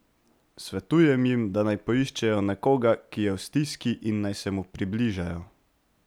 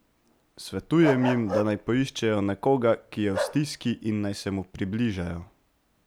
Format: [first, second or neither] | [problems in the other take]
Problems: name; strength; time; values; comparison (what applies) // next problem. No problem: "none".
first | background sound (Bark); 8 dB below the speech